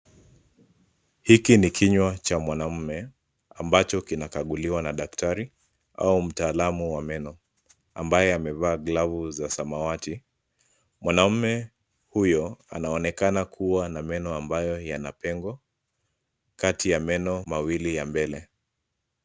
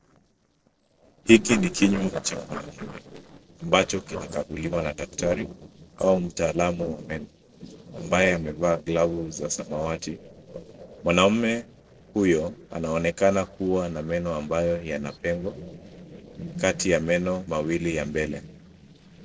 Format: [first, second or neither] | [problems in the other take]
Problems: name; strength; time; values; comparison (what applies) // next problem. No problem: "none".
first | noise reduction (neural separator model SepFormer DNS4)